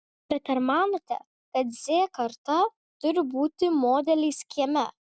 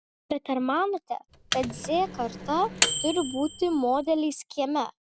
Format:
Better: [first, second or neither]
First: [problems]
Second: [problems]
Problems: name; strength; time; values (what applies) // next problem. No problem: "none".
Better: first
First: none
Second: background sound (Microwave oven); 4 dB below the speech